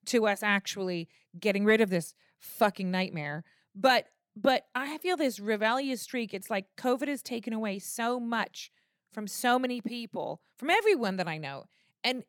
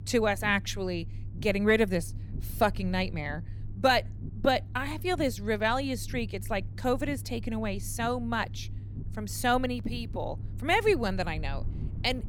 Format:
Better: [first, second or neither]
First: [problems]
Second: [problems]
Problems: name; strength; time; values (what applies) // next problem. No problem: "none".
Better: first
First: none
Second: low rumble; faint; throughout; 25 dB below the speech